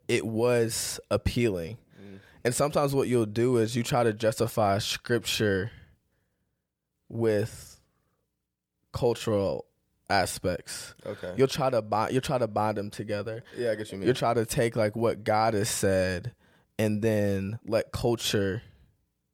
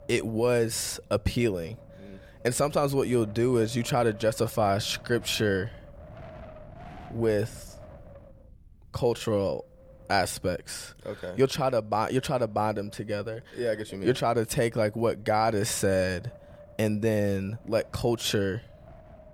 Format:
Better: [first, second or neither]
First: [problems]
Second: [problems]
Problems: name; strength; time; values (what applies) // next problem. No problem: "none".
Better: first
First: none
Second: wind noise on the microphone; occasional gusts; 25 dB below the speech